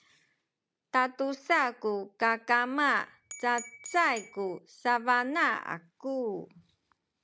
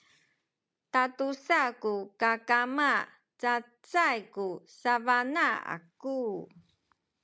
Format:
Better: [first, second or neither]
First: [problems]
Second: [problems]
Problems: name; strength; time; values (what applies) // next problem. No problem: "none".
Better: second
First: background sound (Glass / Bell); 16 dB below the speech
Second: none